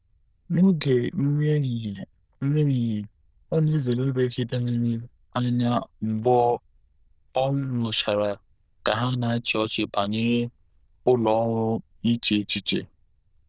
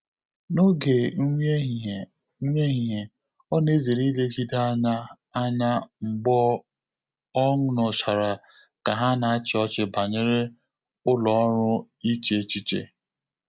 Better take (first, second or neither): second